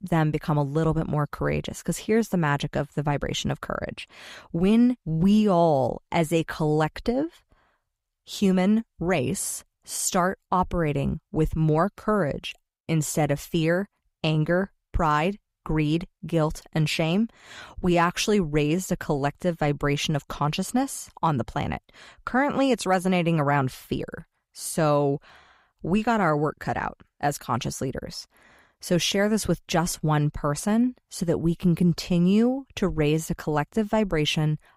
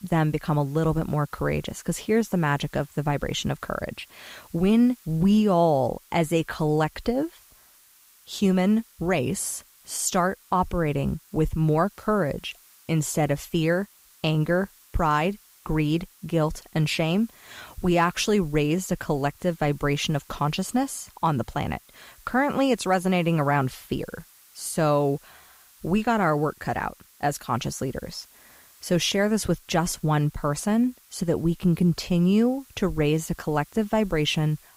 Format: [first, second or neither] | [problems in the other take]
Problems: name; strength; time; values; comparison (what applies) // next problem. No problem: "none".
first | hiss; faint; throughout; 25 dB below the speech